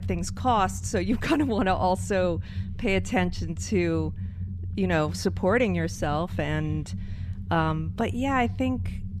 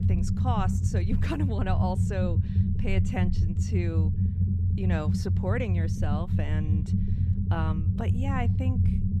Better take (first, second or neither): first